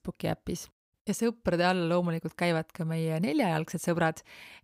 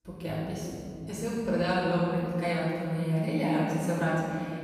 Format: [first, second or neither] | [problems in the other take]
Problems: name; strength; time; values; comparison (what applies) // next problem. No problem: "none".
first | off-mic speech; far // room echo; strong; dies away in 3 s